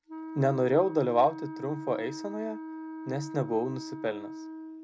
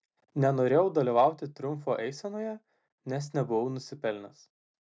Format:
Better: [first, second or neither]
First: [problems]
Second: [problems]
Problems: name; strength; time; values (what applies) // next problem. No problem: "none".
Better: second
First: background sound (Wind instrument, woodwind instrument); 10 dB below the speech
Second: none